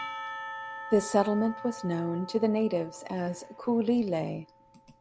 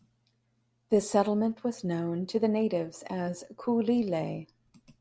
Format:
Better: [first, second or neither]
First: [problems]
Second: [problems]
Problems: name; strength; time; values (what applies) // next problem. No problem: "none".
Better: second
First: background sound (Church bell / Percussion); 13 dB below the speech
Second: none